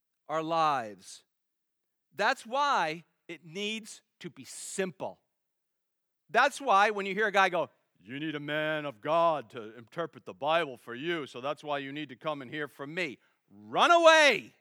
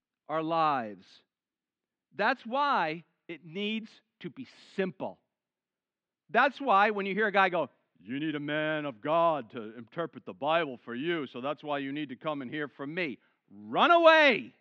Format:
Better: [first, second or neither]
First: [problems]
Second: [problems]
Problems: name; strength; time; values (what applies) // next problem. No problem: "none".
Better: first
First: none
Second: muffled; slightly; fading above 4 kHz